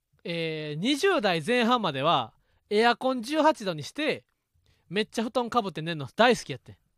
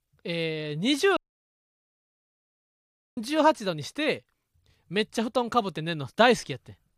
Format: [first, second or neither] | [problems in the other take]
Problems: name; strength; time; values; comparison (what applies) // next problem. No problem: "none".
first | audio cutting out; at 1 s for 2 s